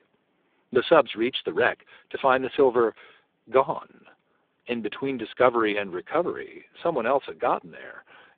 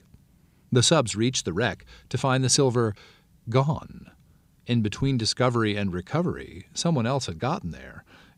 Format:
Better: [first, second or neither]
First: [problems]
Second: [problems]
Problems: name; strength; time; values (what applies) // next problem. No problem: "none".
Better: second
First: phone-call audio; poor line; nothing above 3.5 kHz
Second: none